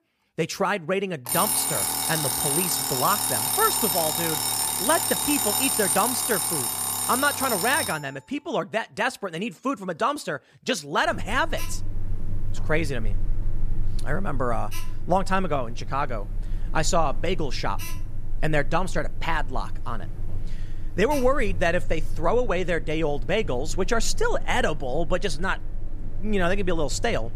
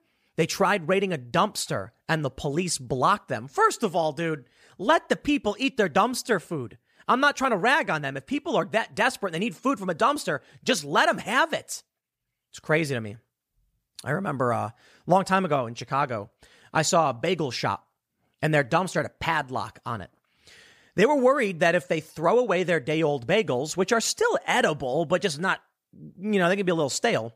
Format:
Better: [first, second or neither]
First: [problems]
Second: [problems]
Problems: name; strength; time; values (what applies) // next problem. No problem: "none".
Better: second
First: alarms or sirens; loud; throughout; 1 dB below the speech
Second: none